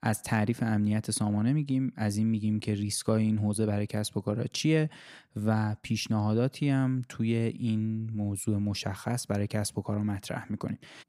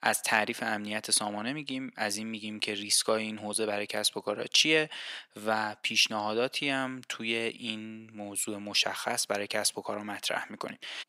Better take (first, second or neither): first